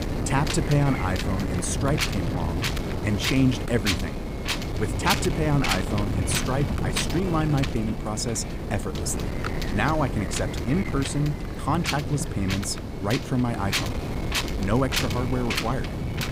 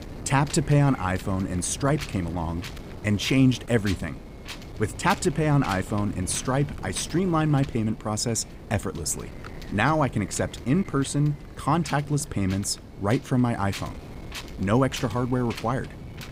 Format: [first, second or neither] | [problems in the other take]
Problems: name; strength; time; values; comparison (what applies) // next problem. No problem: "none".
second | wind noise on the microphone; heavy; 1 dB below the speech; occasional gusts in the second